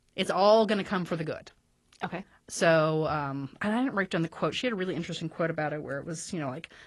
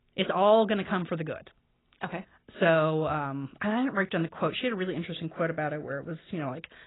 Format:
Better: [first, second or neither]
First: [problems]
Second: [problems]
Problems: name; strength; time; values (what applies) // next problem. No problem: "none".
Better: first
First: garbled, watery; slightly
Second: garbled, watery; badly; nothing above 4 kHz